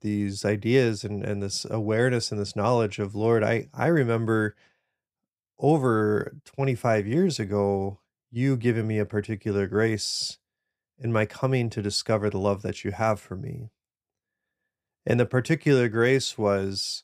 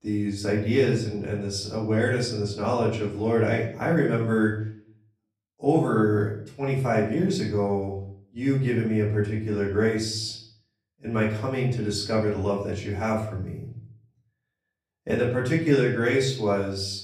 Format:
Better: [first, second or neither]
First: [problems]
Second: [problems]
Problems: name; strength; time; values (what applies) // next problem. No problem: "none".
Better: first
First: none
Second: off-mic speech; far // room echo; slight; dies away in 0.5 s